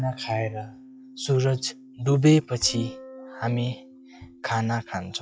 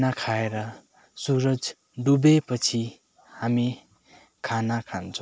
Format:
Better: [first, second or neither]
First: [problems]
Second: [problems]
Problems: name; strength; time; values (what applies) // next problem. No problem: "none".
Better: second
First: noise reduction (classical method log-MMSE)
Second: none